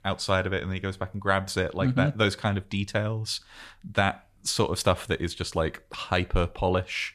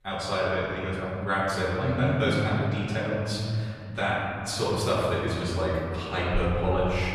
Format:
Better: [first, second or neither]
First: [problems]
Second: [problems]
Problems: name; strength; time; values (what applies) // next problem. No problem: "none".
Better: first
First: none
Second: room echo; strong; dies away in 2.5 s // off-mic speech; far